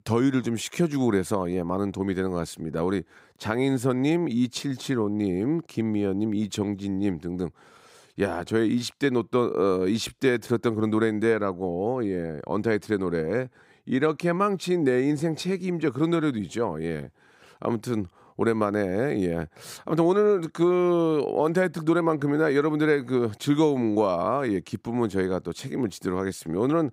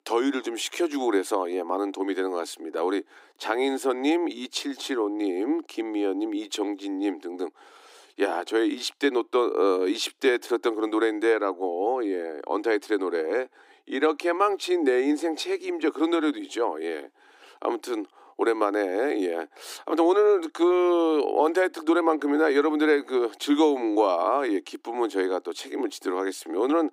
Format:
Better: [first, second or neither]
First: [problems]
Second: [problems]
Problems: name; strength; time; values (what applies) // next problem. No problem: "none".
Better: first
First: none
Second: thin; somewhat; fading below 300 Hz